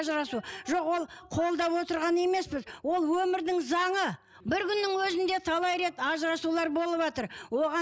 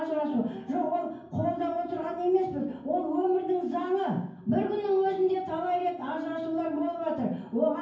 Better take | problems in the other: first | room echo; dies away in 0.9 s

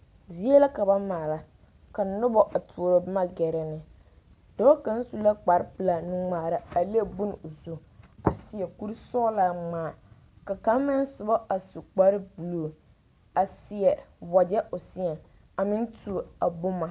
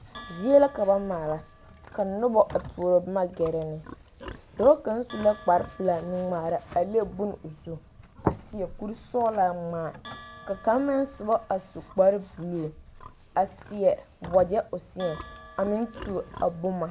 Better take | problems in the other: first | background sound (Livestock, farm animals, working animals + Bell); 19 dB below the speech

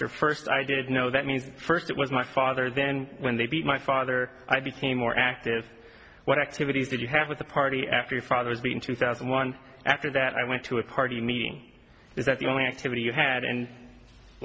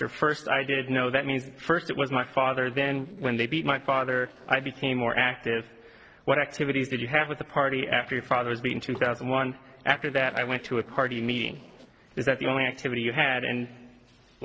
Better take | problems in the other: first | noise reduction (neural separator model SepFormer DNS4)

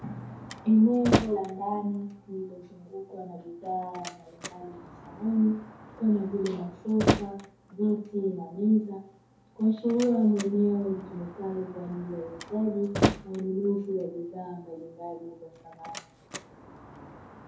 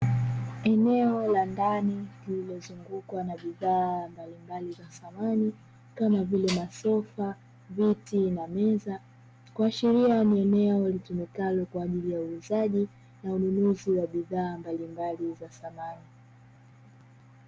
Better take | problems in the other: second | background sound (Slam); 7 dB below the speech // room echo; dies away in 0.5 s

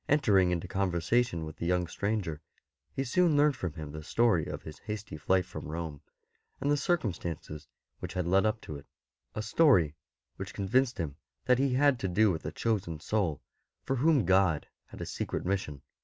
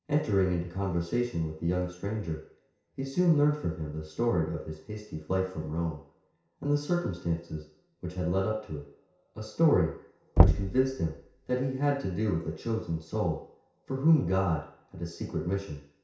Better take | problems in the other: first | background sound (Knock); 2 dB above the speech // room echo; dies away in 0.6 s

